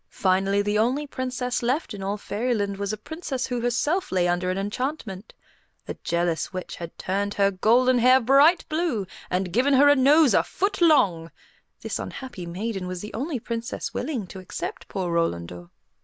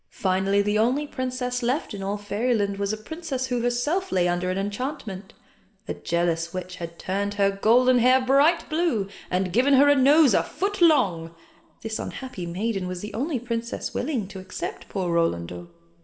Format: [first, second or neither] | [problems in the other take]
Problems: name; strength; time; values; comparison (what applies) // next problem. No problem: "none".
first | room echo; dies away in 1.6 s